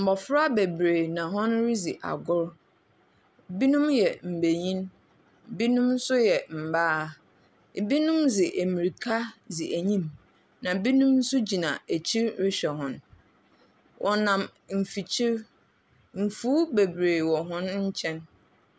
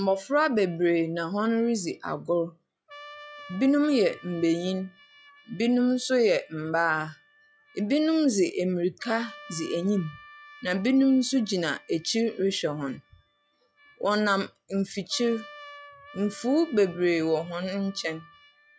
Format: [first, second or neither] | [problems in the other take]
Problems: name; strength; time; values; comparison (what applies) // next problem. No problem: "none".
first | noise reduction (classical method log-MMSE)